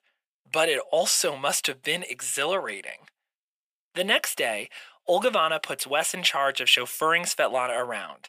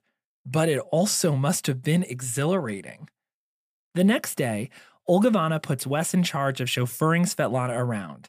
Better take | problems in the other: second | thin; very; fading below 650 Hz

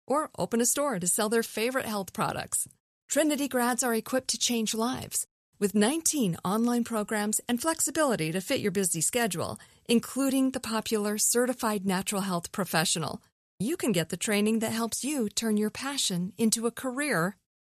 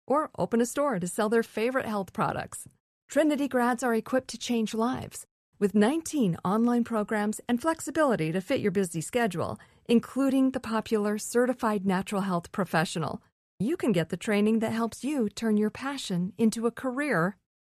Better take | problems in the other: first | muffled; slightly; fading above 3 kHz

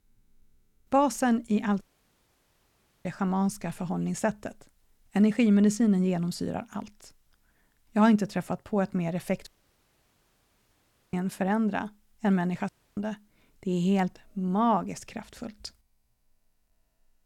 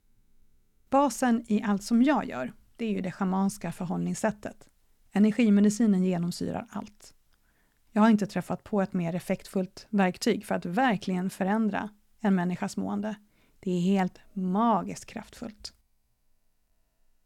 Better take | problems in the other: second | audio cutting out; at 2 s for 1 s, at 9.5 s for 1.5 s and at 13 s

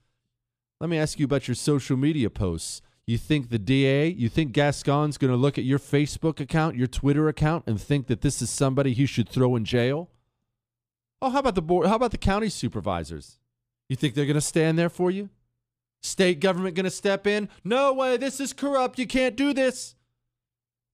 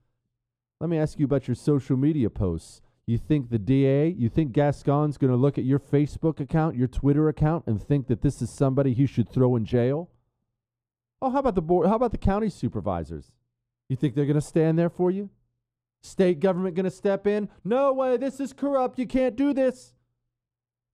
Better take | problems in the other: first | muffled; slightly; fading above 1.5 kHz

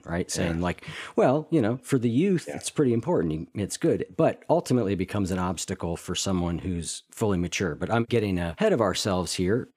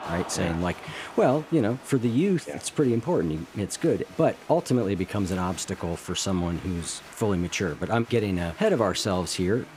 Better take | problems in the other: first | crowd noise; noticeable; throughout; 20 dB below the speech

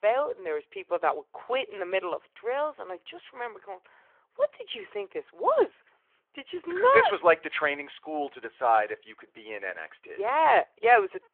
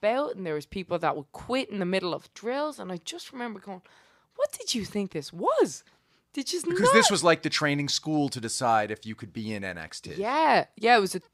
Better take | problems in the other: second | phone-call audio

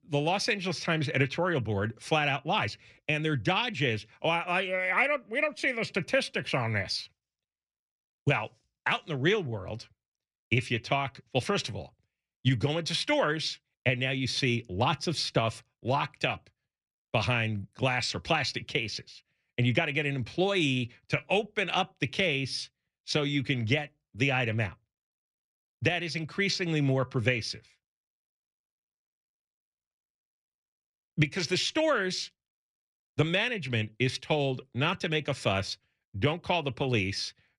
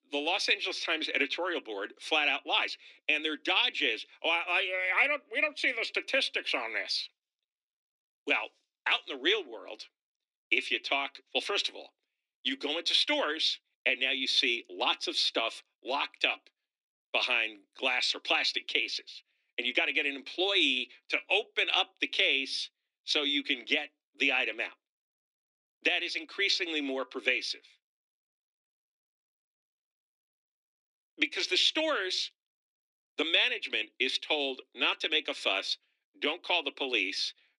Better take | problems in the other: first | thin; somewhat; fading below 250 Hz

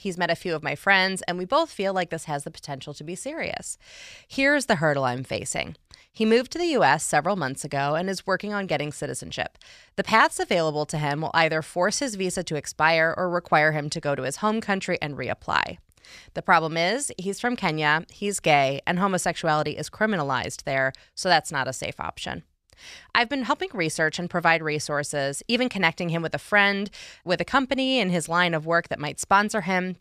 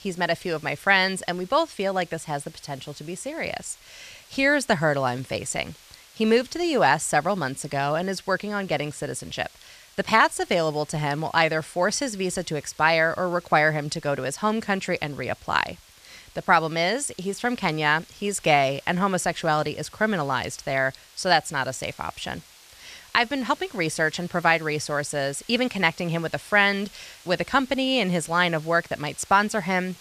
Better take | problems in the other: first | hiss; faint; throughout; 25 dB below the speech

